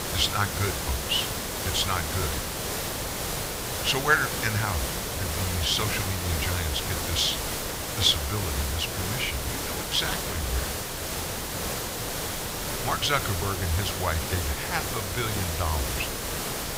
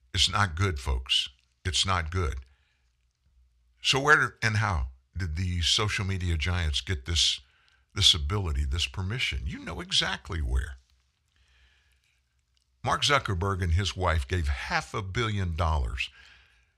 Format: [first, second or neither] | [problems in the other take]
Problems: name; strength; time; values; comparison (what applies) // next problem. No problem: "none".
second | hiss; loud; throughout; 1 dB below the speech